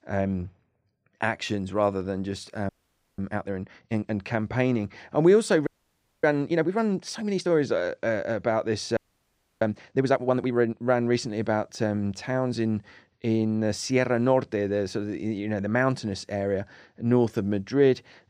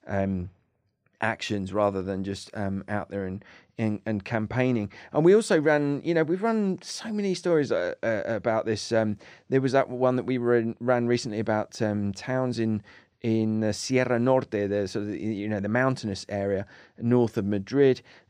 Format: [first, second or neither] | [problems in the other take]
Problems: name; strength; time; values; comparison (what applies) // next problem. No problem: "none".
second | audio freezing; at 2.5 s, at 5.5 s for 0.5 s and at 9 s for 0.5 s